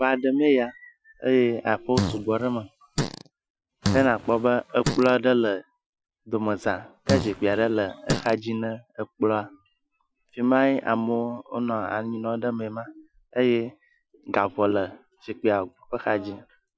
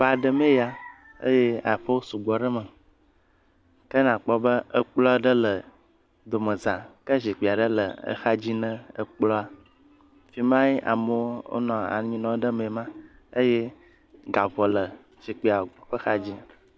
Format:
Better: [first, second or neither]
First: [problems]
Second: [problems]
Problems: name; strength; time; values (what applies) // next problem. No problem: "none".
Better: second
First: noise reduction (classical method Wiener filter)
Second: none